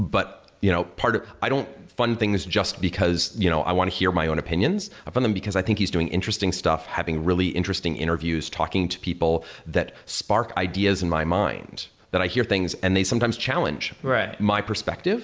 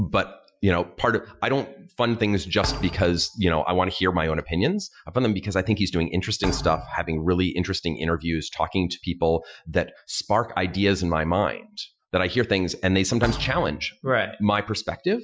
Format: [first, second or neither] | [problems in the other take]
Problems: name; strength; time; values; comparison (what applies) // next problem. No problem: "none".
first | noise reduction (classical method Wiener filter)